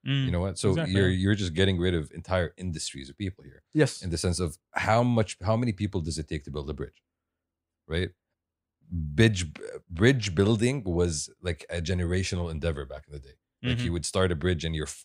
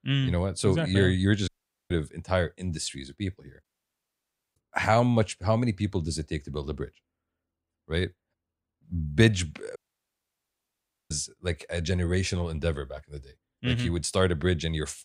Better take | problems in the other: first | audio cutting out; at 1.5 s, at 3.5 s for 1 s and at 10 s for 1.5 s

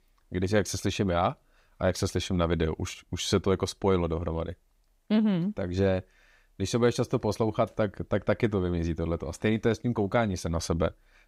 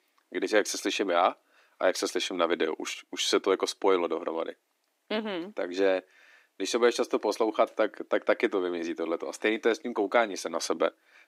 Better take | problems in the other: first | thin; somewhat; fading below 300 Hz

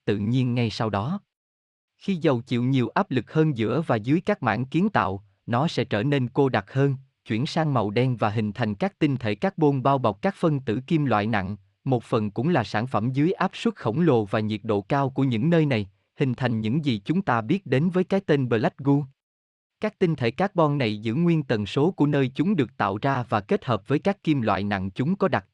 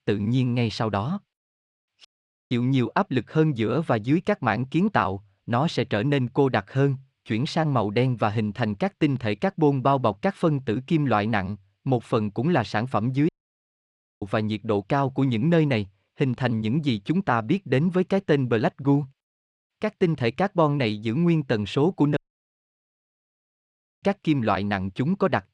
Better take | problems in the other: first | audio cutting out; at 2 s, at 13 s for 1 s and at 22 s for 2 s

